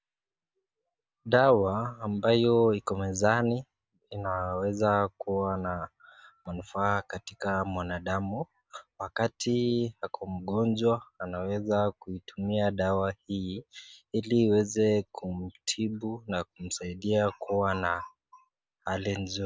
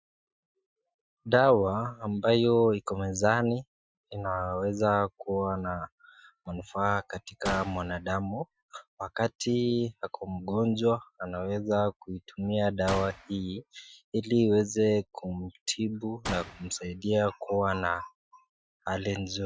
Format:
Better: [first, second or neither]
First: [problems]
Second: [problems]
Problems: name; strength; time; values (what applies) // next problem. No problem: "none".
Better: first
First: none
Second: noise reduction (classical method Wiener filter)